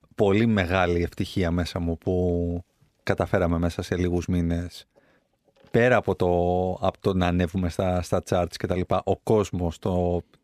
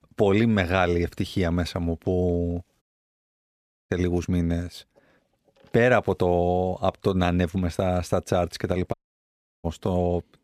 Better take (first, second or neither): first